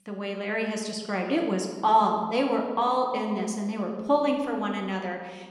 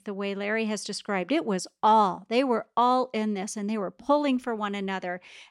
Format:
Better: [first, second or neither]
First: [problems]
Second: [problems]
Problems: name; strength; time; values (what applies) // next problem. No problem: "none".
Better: second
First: room echo; slight; dies away in 1.2 s // off-mic speech; somewhat distant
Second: none